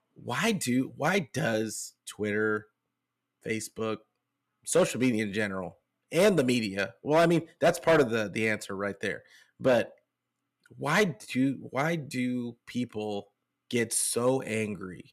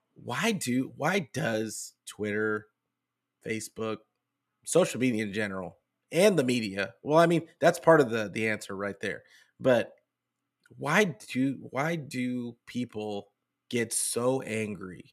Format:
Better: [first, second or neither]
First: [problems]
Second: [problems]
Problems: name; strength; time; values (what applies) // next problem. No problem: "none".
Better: second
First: distortion; slight; 1.4% of the sound clipped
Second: none